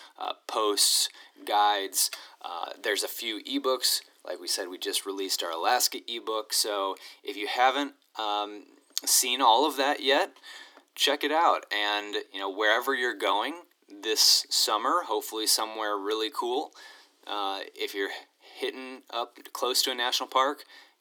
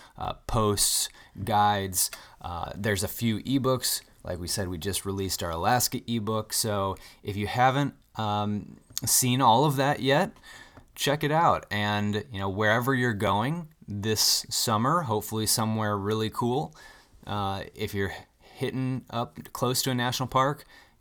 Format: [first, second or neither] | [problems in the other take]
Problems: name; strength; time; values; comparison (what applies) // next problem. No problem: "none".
second | thin; somewhat; fading below 300 Hz